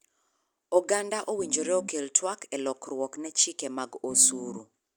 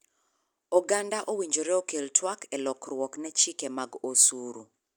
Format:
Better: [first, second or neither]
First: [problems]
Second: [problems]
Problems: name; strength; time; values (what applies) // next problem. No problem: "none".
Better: second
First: background sound (Piano); 11 dB below the speech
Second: none